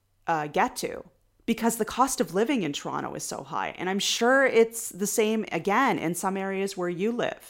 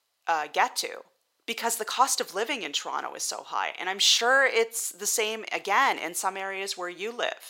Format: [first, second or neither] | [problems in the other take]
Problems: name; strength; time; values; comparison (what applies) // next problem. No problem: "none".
first | thin; very; fading below 650 Hz